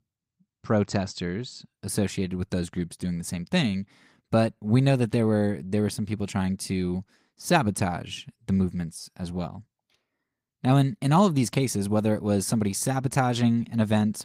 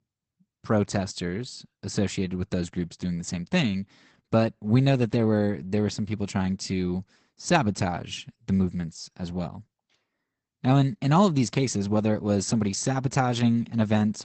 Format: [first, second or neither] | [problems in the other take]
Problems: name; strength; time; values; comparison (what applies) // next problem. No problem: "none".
first | garbled, watery; badly; nothing above 8 kHz; slightly in the first